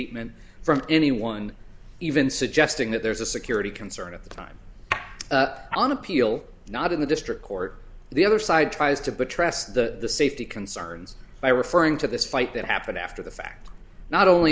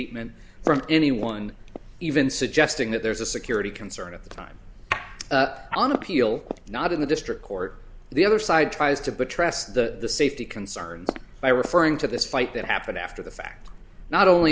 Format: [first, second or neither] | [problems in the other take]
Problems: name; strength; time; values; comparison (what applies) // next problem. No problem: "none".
first | background sound (Walk, footsteps); 12 dB below the speech